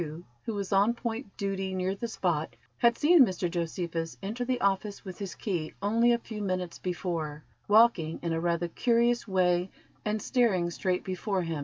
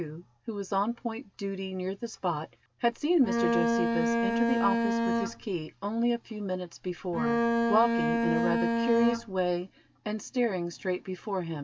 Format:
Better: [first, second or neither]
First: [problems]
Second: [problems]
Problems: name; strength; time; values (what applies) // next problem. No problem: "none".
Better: first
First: none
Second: background sound (Bowed string instrument); 3 dB above the speech